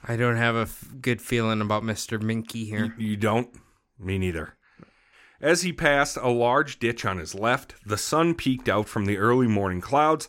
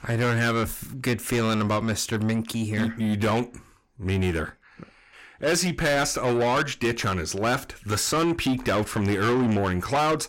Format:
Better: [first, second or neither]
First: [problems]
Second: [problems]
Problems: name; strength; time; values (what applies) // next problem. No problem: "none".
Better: first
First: none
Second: distortion; heavy; 7 dB below the speech